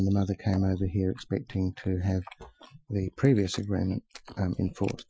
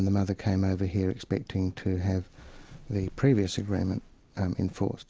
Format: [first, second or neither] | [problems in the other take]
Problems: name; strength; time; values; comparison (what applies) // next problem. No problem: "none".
second | noise reduction (classical method Wiener filter)